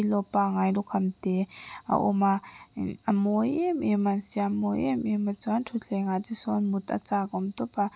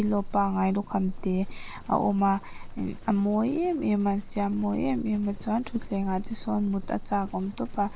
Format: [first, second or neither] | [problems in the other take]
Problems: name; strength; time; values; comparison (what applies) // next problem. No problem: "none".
first | background sound (Livestock, farm animals, working animals); 10 dB below the speech